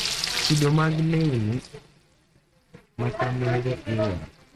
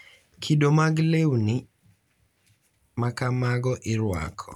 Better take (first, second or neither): second